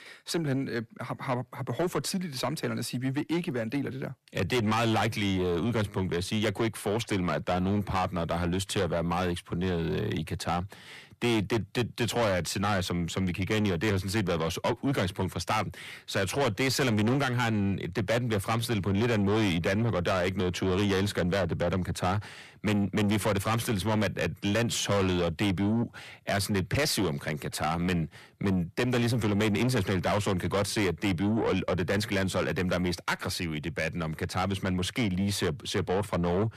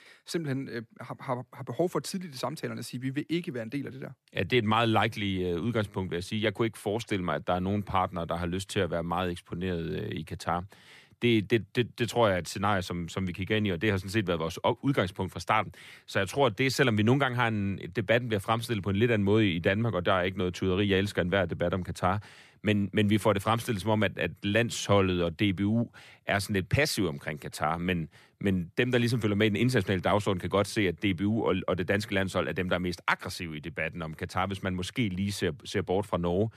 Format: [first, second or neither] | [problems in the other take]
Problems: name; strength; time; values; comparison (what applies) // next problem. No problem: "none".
second | distortion; heavy; 7 dB below the speech